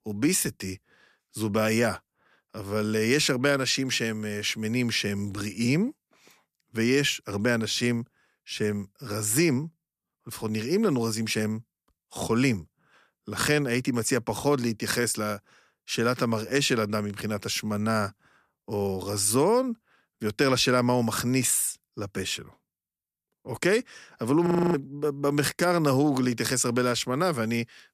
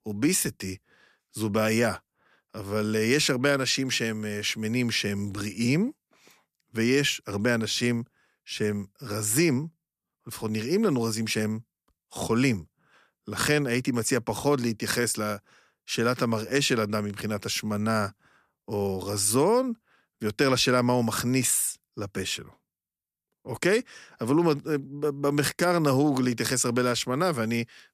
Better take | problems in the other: second | audio freezing; at 24 s

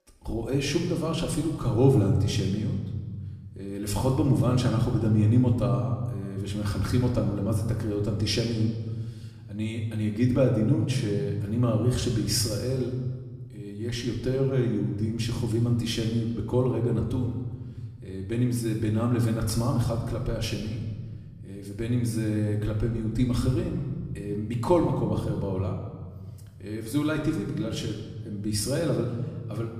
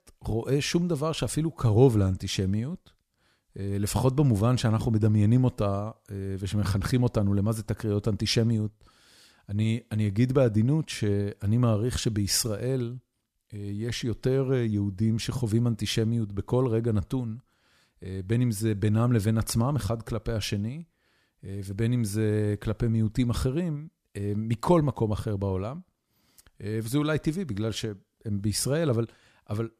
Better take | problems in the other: second | room echo; slight; dies away in 1.3 s // off-mic speech; far

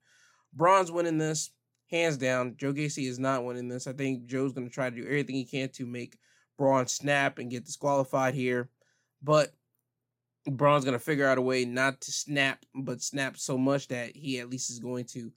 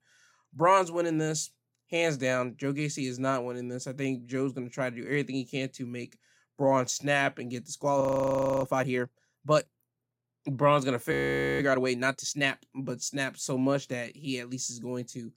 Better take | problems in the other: first | audio freezing; at 8 s for 0.5 s and at 11 s

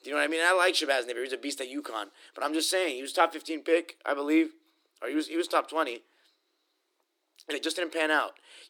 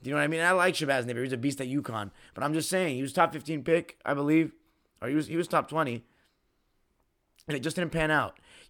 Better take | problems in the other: second | thin; somewhat; fading below 300 Hz

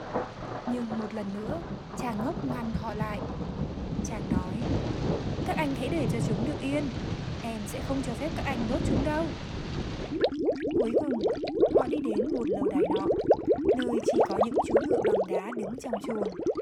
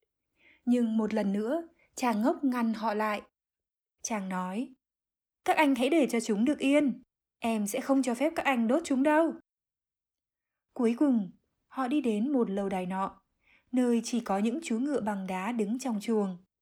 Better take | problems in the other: second | rain or running water; very loud; throughout; 5 dB above the speech

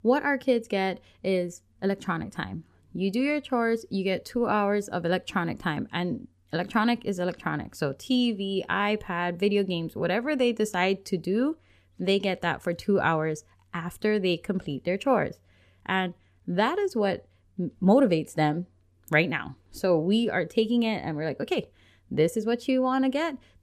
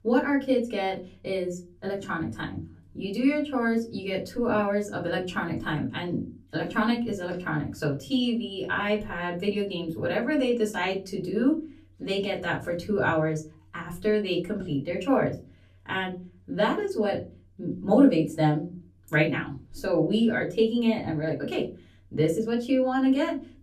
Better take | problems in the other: first | off-mic speech; far // room echo; very slight; dies away in 0.3 s

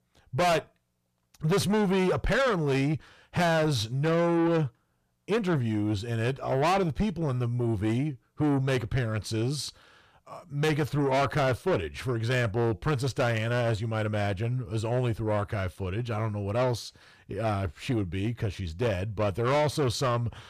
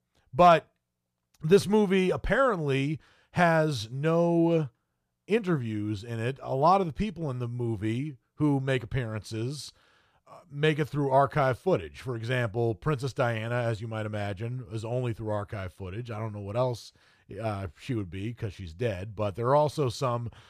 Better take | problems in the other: second | distortion; heavy; 6 dB below the speech

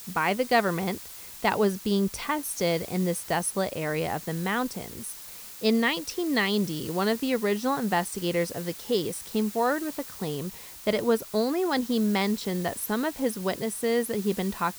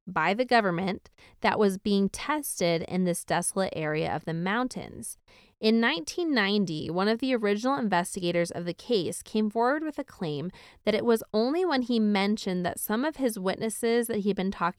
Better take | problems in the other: second | hiss; noticeable; throughout; 15 dB below the speech

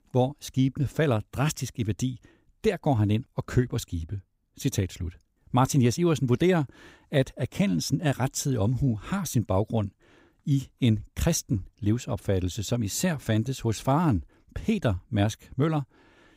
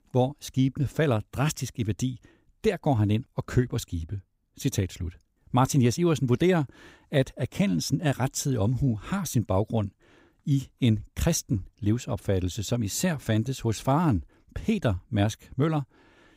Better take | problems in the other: neither | none

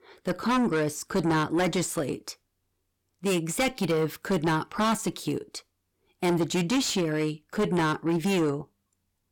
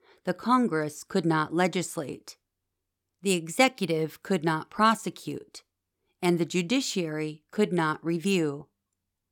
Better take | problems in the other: second | distortion; heavy; 5 dB below the speech

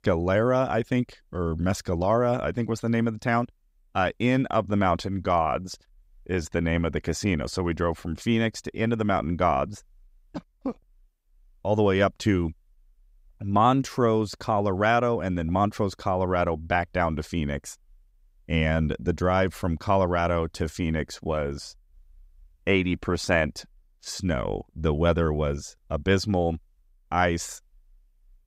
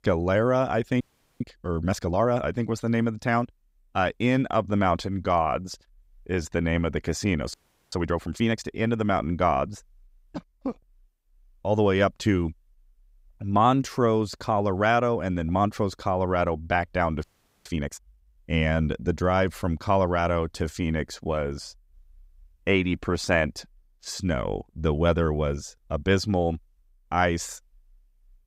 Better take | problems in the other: first | audio freezing; at 1 s, at 7.5 s and at 17 s

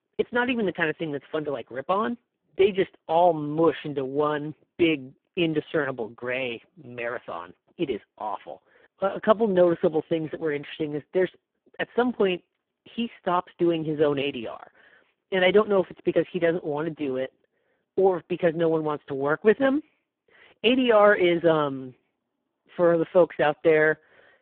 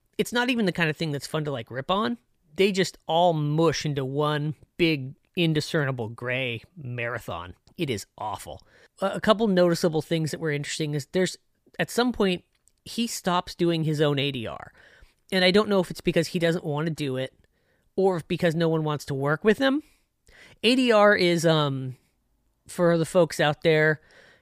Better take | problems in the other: second | phone-call audio; poor line

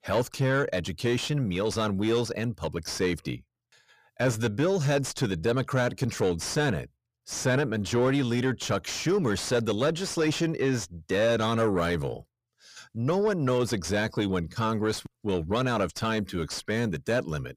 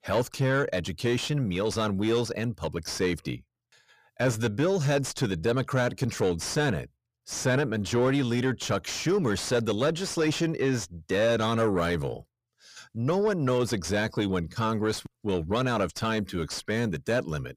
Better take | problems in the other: neither | distortion; slight; 10 dB below the speech; the same in both

